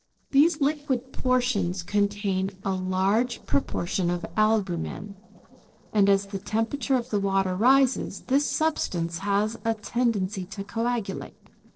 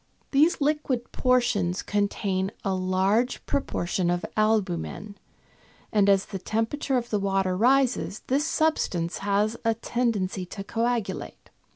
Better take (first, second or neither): second